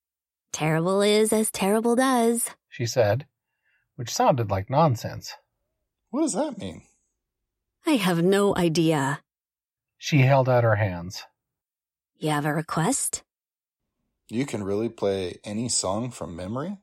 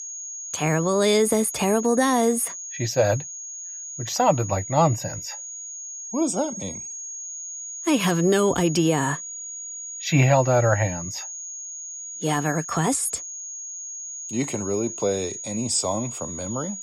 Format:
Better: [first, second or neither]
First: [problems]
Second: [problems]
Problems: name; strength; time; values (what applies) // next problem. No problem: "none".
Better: first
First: none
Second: high-pitched whine; loud; throughout; 6.5 kHz, 9 dB below the speech